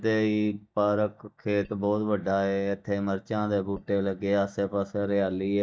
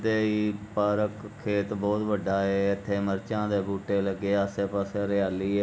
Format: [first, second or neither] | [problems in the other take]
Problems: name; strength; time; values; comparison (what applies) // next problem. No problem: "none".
second | noise reduction (neural mask model DeepFilterNet 3)